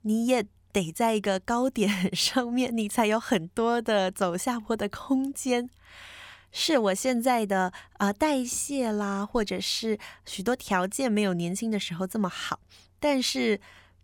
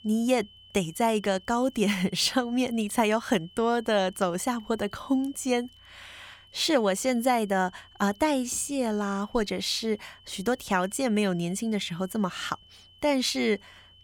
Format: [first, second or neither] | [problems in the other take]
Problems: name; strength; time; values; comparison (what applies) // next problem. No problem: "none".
first | high-pitched whine; faint; throughout; 3 kHz, 25 dB below the speech